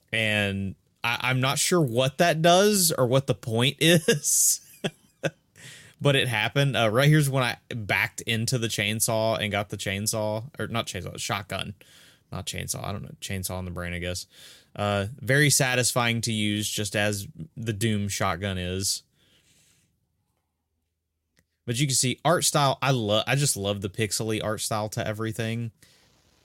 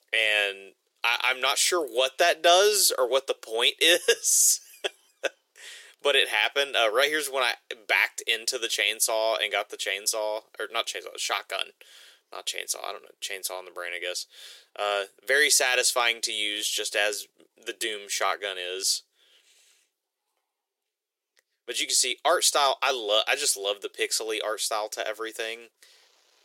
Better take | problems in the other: first | thin; very; fading below 400 Hz

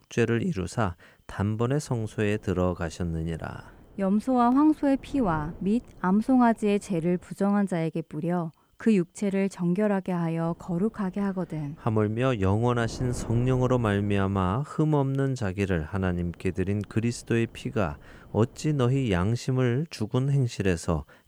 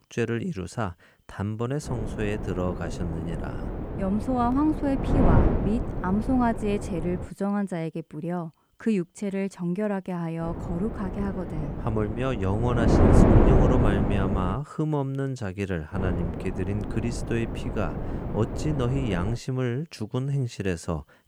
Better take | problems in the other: first | wind noise on the microphone; heavy; from 2 to 7.5 s, from 10 to 15 s and from 16 to 19 s; as loud as the speech; occasional gusts in the first

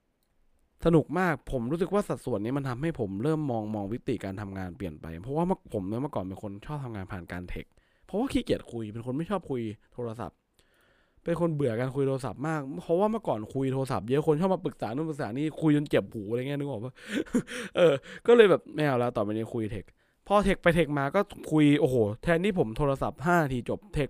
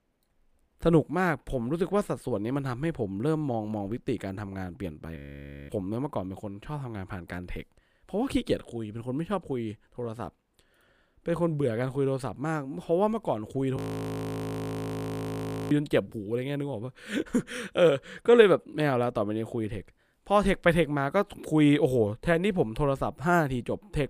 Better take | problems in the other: first | audio freezing; at 5 s for 0.5 s and at 14 s for 2 s

